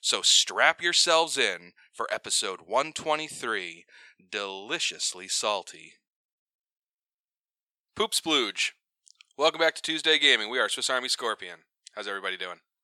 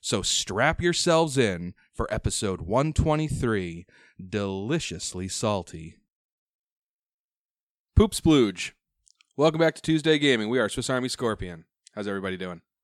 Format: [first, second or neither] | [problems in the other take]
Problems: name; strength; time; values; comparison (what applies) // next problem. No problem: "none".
second | thin; very; fading below 650 Hz